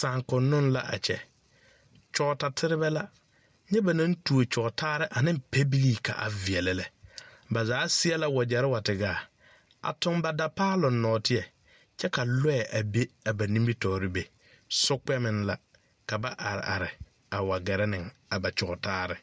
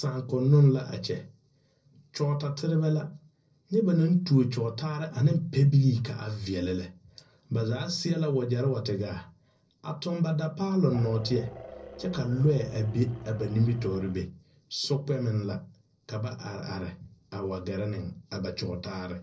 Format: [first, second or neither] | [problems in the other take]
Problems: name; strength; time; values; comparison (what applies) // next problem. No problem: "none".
first | noise reduction (neural separator model SepFormer DNS4)